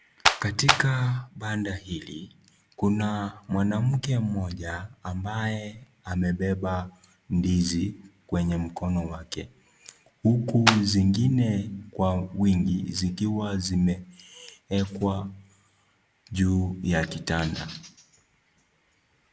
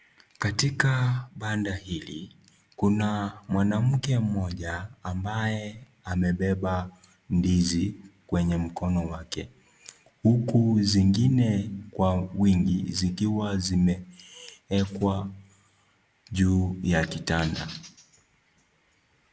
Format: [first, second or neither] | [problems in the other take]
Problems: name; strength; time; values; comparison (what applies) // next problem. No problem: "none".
second | background sound (Clapping); 3 dB above the speech